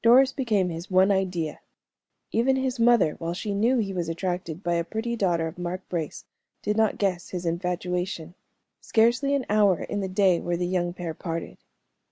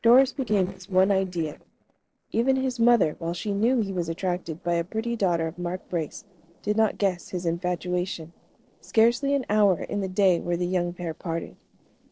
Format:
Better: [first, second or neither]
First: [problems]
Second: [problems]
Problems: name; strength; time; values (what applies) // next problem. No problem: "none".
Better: first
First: none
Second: noise reduction (neural separator model SepFormer DNS4)